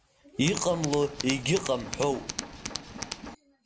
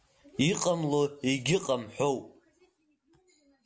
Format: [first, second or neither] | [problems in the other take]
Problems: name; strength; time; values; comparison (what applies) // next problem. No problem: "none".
second | background sound (Tools); 8 dB below the speech